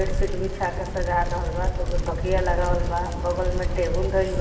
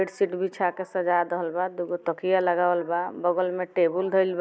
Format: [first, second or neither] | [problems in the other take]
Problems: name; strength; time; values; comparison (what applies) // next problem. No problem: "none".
second | background sound (Bicycle); 2 dB above the speech // room echo; dies away in 1.9 s